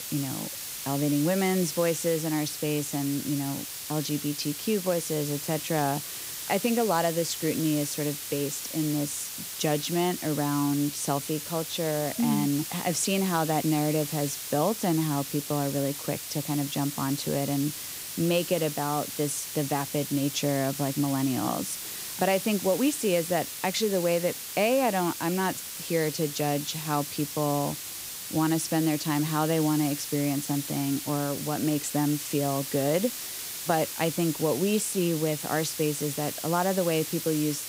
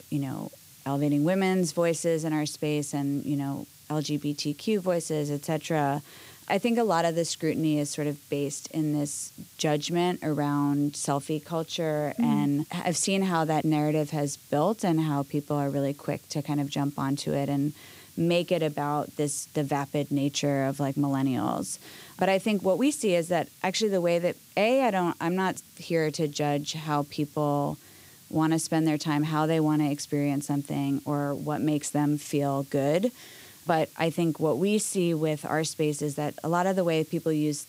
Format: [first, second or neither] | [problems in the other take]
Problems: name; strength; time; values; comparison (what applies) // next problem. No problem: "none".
second | hiss; loud; throughout; 6 dB below the speech; faint in the second